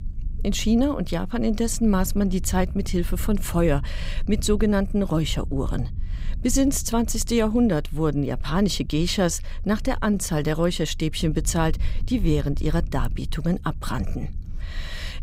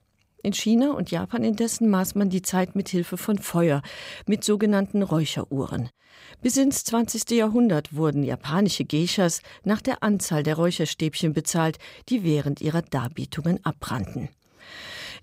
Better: second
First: low rumble; faint; throughout; 25 dB below the speech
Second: none

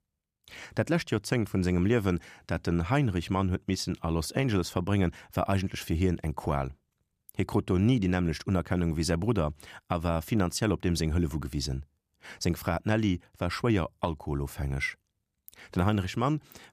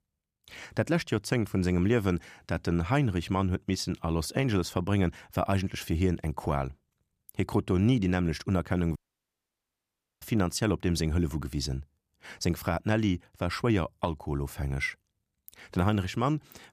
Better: first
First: none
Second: audio cutting out; at 9 s for 1.5 s

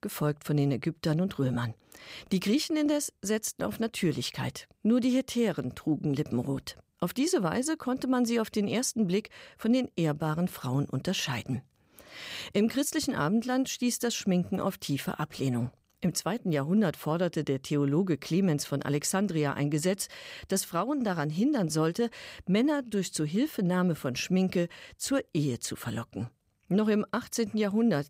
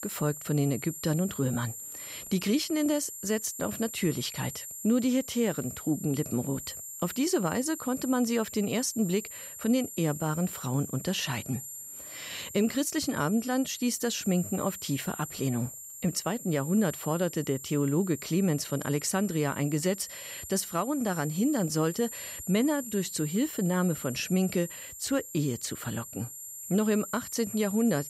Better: first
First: none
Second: high-pitched whine; loud; throughout; 7.5 kHz, 10 dB below the speech

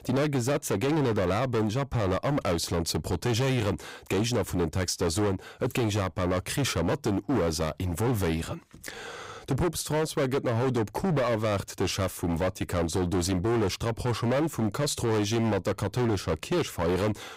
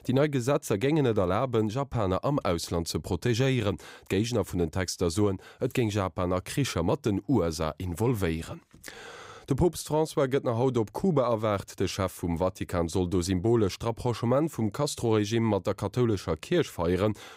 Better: second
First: distortion; heavy; 22% of the sound clipped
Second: none

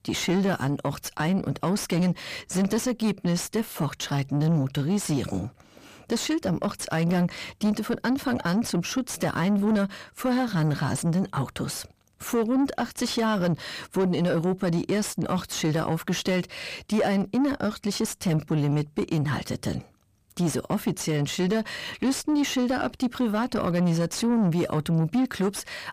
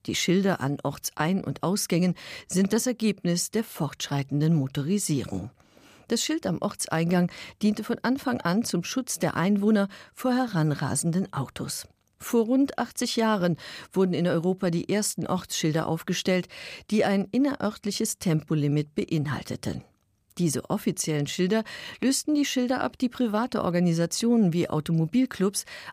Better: second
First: distortion; slight; 10 dB below the speech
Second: none

